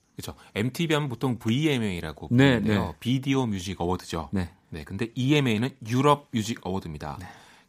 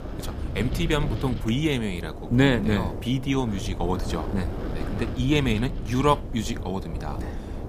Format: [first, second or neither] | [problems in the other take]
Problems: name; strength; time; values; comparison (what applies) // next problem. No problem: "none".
first | wind noise on the microphone; occasional gusts; 10 dB below the speech